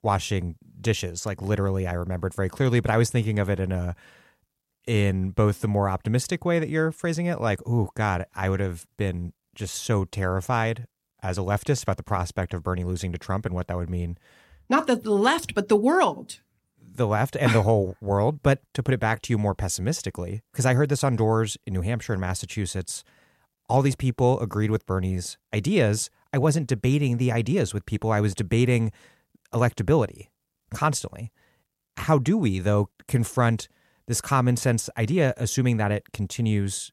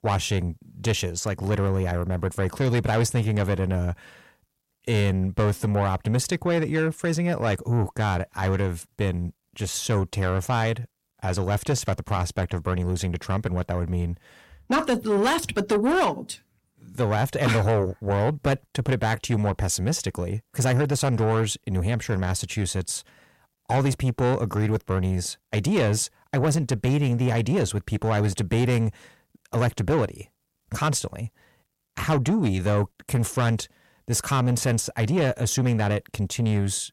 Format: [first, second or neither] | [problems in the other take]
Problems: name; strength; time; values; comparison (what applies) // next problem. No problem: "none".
first | distortion; slight; 10 dB below the speech